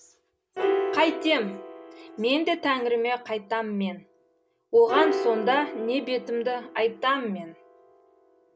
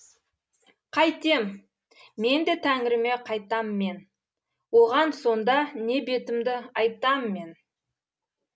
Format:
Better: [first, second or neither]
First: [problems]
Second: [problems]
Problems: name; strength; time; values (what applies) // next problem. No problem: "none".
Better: second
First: background sound (Piano); 7 dB below the speech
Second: none